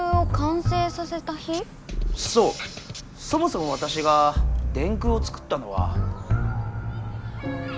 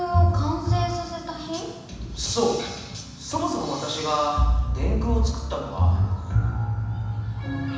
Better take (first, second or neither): first